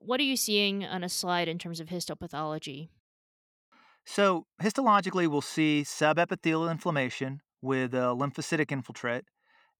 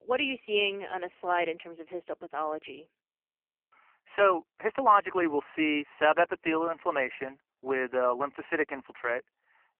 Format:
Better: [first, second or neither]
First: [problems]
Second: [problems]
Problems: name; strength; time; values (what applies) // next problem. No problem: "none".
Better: first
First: none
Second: phone-call audio; poor line; nothing above 3 kHz